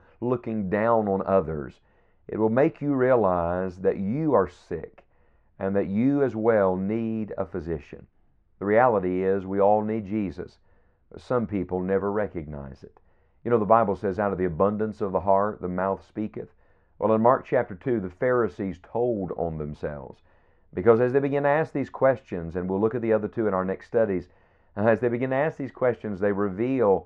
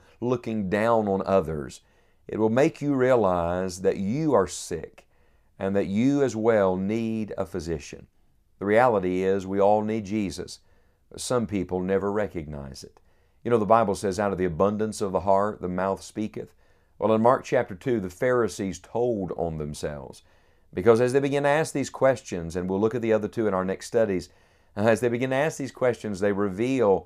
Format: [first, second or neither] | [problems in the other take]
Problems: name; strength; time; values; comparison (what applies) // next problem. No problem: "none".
second | muffled; very; fading above 1.5 kHz